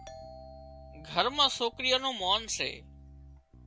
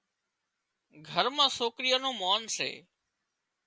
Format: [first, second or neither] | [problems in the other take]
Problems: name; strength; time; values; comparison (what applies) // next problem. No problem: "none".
second | background sound (Bass guitar + Doorbell); 17 dB below the speech